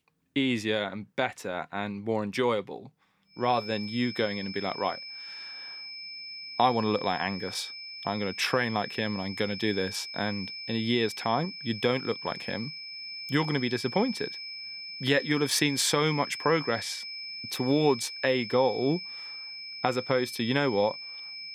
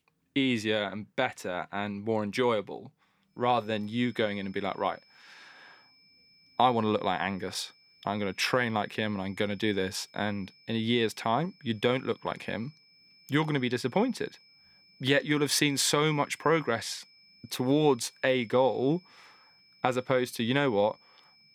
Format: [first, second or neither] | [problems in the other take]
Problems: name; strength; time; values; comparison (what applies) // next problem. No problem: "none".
second | high-pitched whine; loud; from 3.5 s on; 5 kHz, 9 dB below the speech; faint in the second